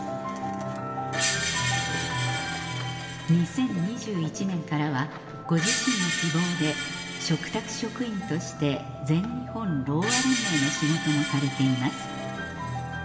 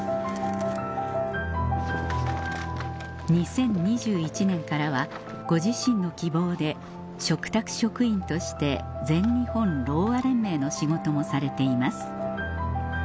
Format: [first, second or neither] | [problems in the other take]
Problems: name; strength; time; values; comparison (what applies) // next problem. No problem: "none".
second | background sound (Screech); 5 dB below the speech // room echo; dies away in 1.9 s